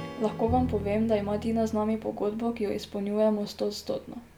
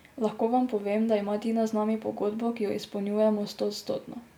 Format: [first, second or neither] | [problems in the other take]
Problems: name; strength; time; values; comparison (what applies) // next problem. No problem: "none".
second | background sound (Bowed string instrument + Strum); 11 dB below the speech